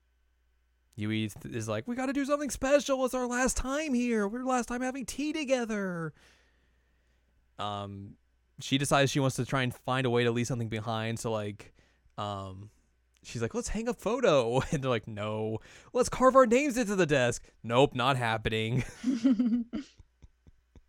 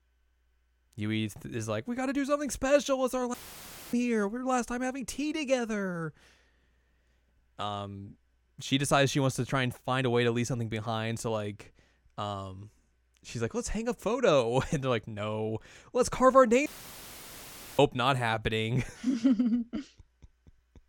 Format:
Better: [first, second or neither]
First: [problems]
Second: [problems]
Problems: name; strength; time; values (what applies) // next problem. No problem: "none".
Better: first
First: none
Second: audio cutting out; filled with static; at 3.5 s for 0.5 s and at 17 s for 1 s